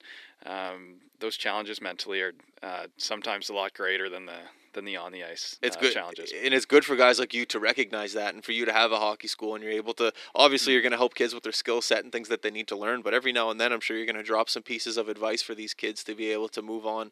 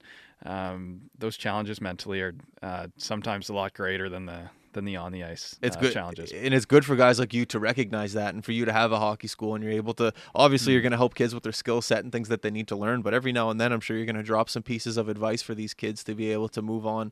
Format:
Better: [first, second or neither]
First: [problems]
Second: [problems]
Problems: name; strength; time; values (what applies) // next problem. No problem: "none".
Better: second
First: thin; somewhat; fading below 300 Hz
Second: none